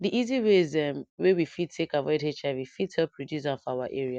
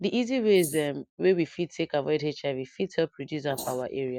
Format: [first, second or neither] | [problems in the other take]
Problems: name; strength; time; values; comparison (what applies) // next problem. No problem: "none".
first | noise reduction (neural mask model Resemble Enhance denoiser)